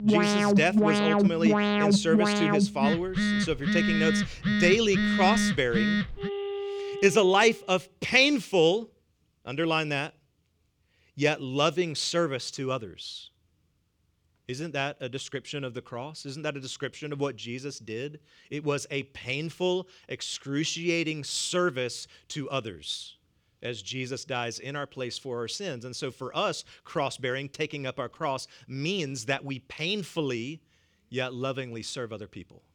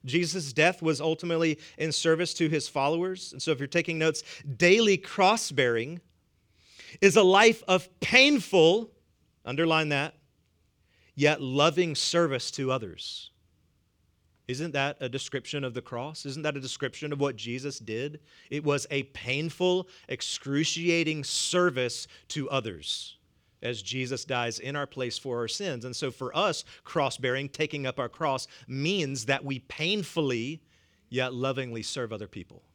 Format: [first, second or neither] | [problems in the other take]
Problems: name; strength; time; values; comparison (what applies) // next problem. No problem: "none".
second | alarms or sirens; very loud; until 7 s; 3 dB above the speech